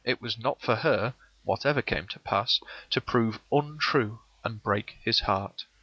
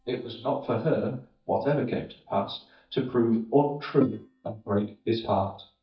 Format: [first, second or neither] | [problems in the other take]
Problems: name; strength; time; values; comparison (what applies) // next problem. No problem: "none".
first | noise reduction (neural mask model DeepFilterNet 3)